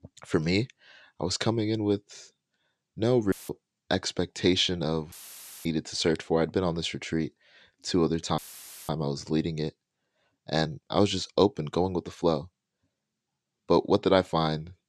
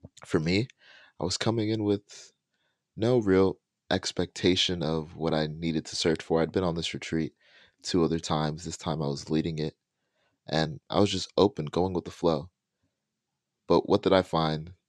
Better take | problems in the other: second | audio cutting out; filled with static; at 3.5 s, at 5 s for 0.5 s and at 8.5 s for 0.5 s

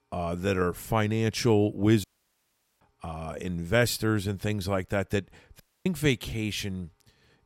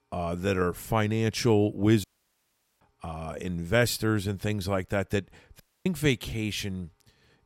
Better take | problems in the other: neither | audio cutting out; at 2 s for 1 s and at 5.5 s; the same in both

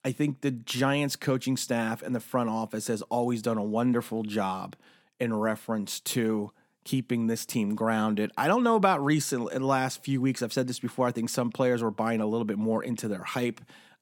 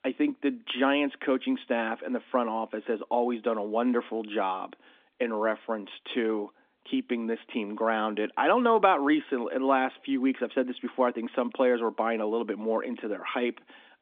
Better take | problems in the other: first | phone-call audio; nothing above 3.5 kHz

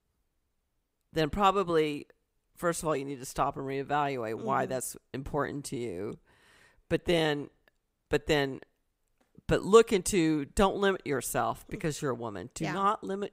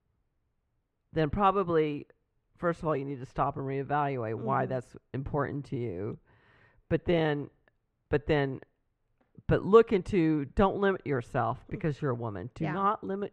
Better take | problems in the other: first | muffled; very; fading above 2 kHz

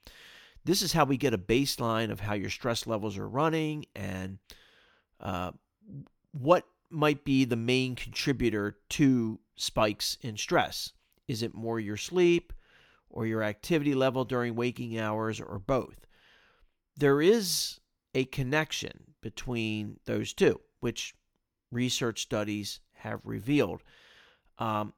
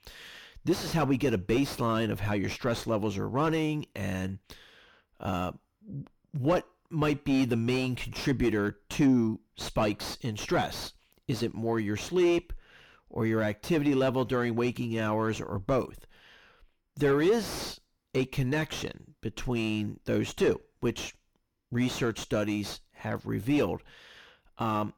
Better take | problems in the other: first | distortion; heavy; 6 dB below the speech

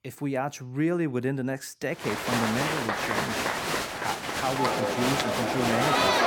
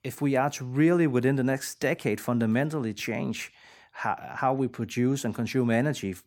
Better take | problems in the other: second | crowd noise; very loud; from 2 s on; 4 dB above the speech

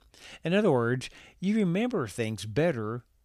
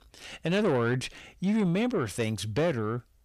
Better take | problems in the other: first | distortion; slight; 10 dB below the speech

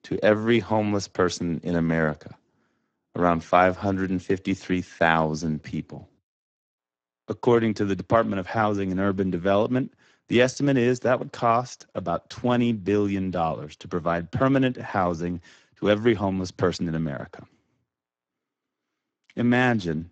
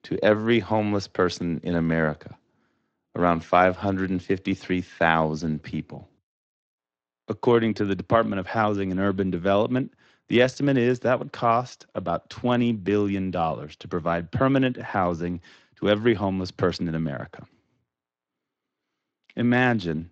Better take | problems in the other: second | garbled, watery; badly; nothing above 7.5 kHz; slightly in the second

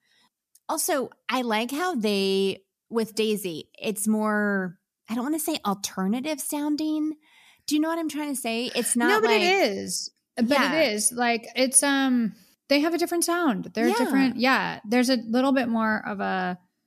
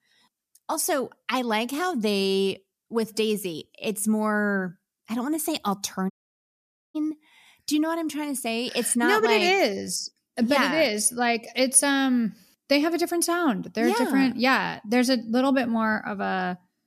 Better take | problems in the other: first | audio cutting out; at 6 s for 1 s

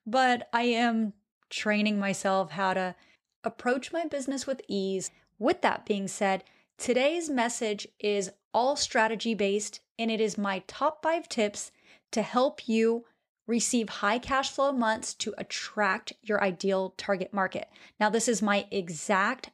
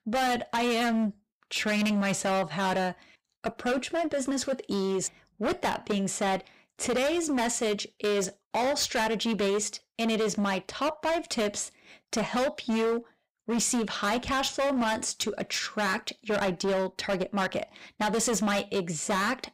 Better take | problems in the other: first | distortion; heavy; 20% of the sound clipped

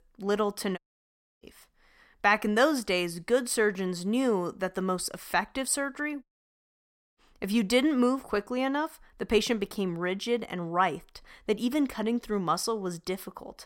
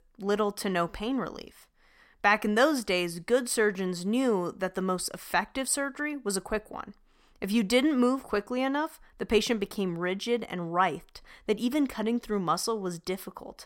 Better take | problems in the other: second | audio cutting out; at 1 s for 0.5 s and at 6 s for 1 s

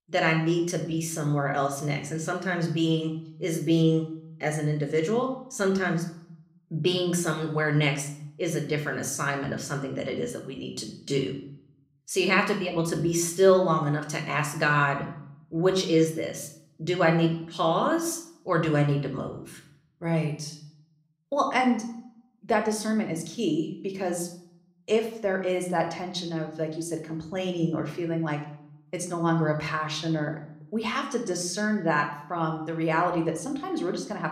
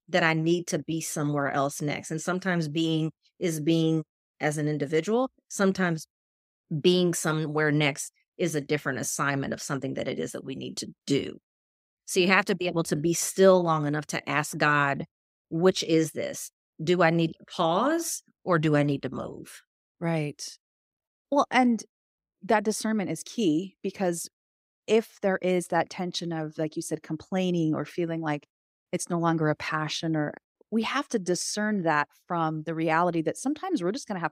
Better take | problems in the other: second | room echo; slight; dies away in 0.5 s

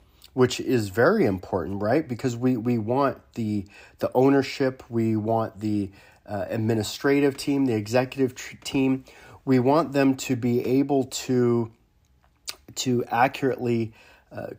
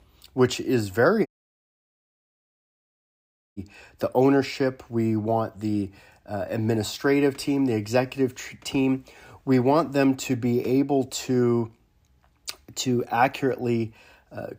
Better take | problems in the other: first | audio cutting out; at 1.5 s for 2.5 s

